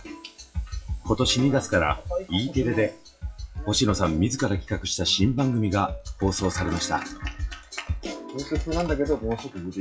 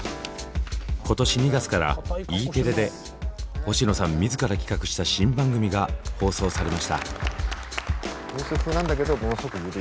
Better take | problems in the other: second | noise reduction (classical method WPE with log-MMSE)

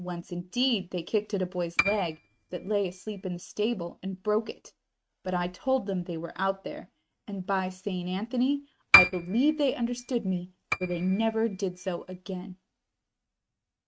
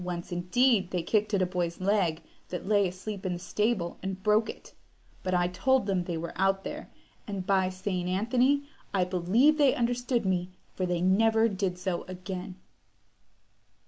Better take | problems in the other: second | noise reduction (neural mask model RNNoise)

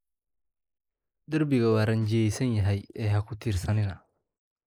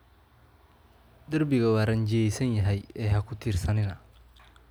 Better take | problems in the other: second | noise reduction (neural mask model Resemble Enhance denoiser)

